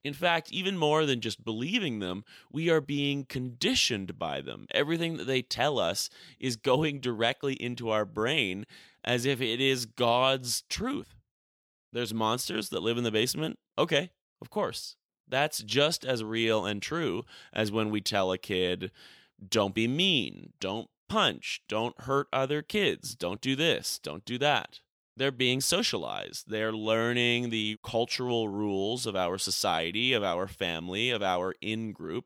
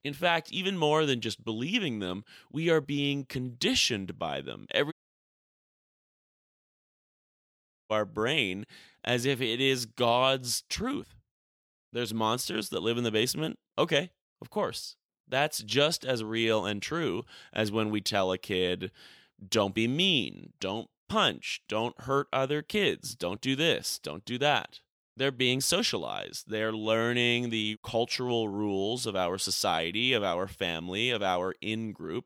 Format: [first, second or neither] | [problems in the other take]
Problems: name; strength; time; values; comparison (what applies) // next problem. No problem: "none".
first | audio cutting out; at 5 s for 3 s